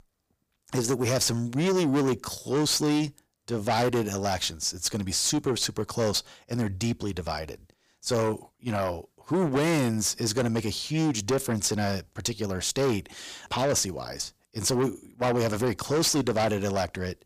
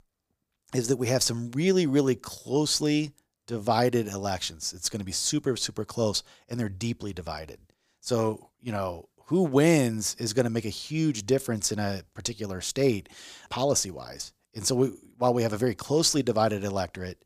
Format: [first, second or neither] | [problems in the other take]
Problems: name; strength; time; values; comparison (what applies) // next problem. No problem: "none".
second | distortion; heavy; 7 dB below the speech